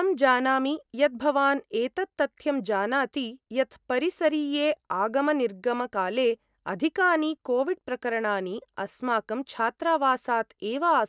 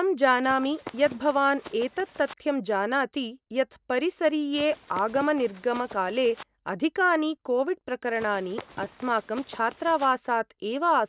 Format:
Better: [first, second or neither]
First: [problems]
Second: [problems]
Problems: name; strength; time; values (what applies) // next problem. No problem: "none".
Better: first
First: none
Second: background sound (Run); 18 dB below the speech